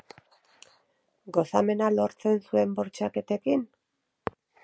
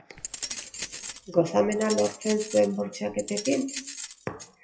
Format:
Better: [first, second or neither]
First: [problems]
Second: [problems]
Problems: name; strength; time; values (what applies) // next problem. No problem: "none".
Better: first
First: none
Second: noise reduction (classical method WPE with log-MMSE)